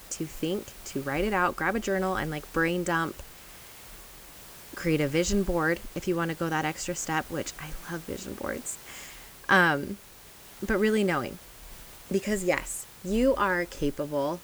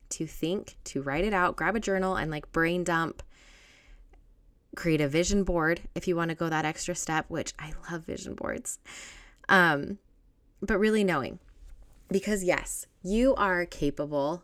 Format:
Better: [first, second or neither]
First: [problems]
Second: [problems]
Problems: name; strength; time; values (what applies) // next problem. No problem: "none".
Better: second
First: hiss; noticeable; throughout; 15 dB below the speech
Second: none